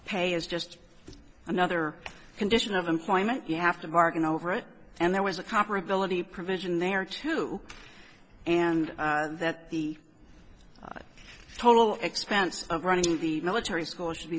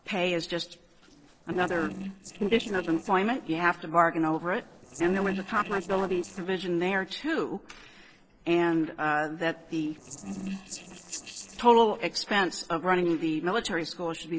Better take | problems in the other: first | noise reduction (neural separator model SepFormer DNS4)

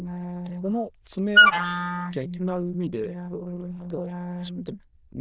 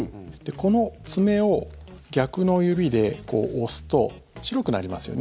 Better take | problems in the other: second | noise reduction (neural diffusion model UNIVERSE++)

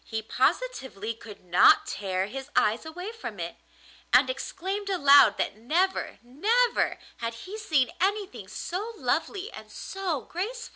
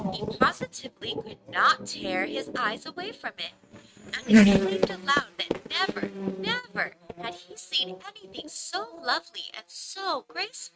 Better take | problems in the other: first | noise reduction (neural mask model RNNoise)

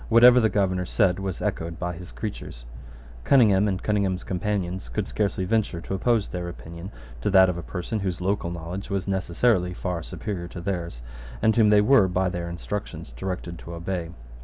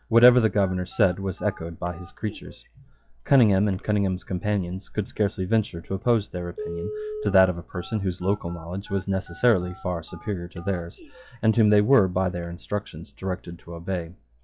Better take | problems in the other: first | noise reduction (classical method log-MMSE)

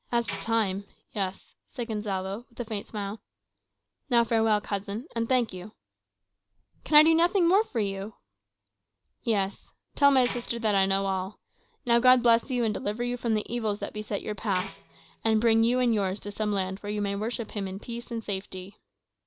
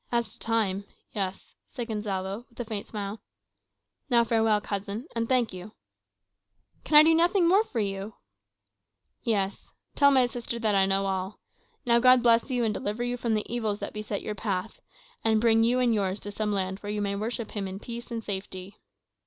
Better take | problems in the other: second | background sound (Tambourine); 15 dB below the speech

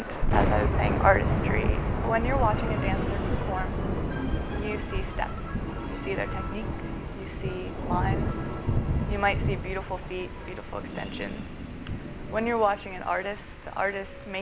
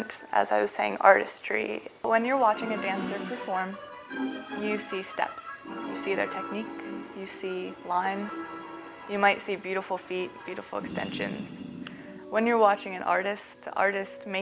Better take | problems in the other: second | background sound (Thunder / Rain); 2 dB above the speech

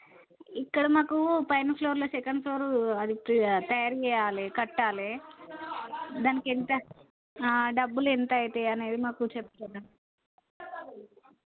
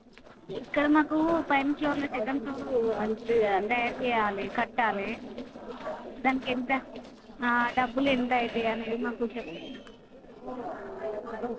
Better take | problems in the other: first | noise reduction (neural separator model SepFormer DNS4)

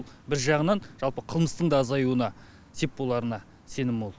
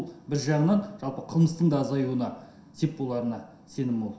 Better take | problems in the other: first | room echo; dies away in 0.7 s

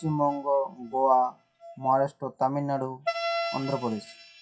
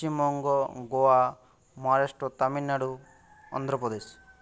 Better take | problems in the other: second | noise reduction (classical method WPE with log-MMSE)

